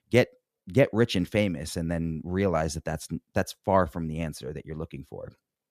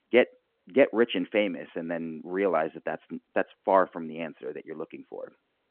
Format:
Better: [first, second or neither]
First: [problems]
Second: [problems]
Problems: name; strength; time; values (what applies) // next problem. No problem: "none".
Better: first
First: none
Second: phone-call audio